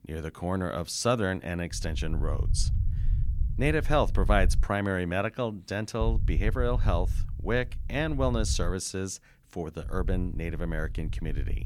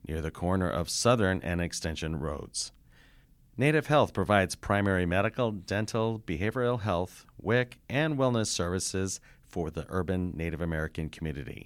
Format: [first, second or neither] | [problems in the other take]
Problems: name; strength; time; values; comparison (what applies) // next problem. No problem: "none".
second | low rumble; noticeable; from 1.5 to 4.5 s, from 6 to 8.5 s and from 10 s on; 20 dB below the speech